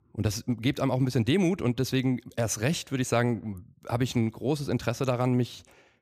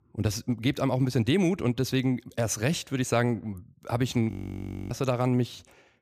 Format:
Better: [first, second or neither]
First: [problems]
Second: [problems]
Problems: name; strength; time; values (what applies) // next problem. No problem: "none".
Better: first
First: none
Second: audio freezing; at 4.5 s for 0.5 s